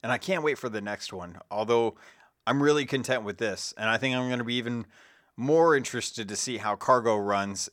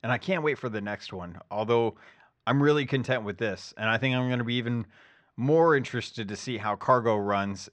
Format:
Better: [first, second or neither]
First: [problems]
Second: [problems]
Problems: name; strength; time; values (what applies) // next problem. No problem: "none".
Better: first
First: none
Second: muffled; slightly; fading above 3 kHz